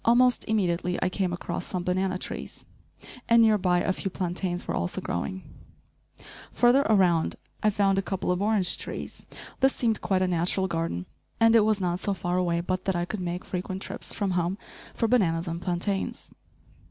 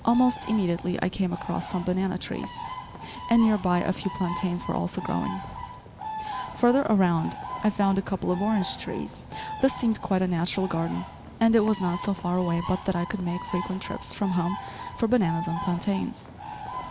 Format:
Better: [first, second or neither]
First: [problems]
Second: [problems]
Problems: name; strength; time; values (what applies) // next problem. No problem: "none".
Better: first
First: none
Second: background sound (Bird); 11 dB below the speech